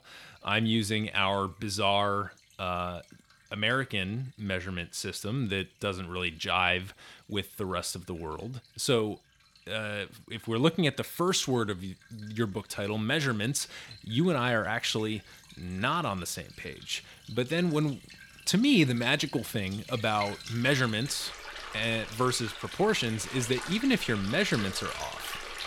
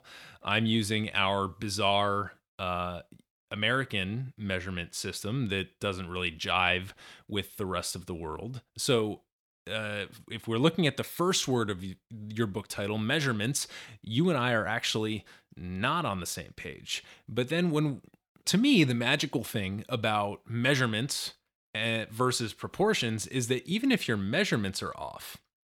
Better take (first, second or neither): second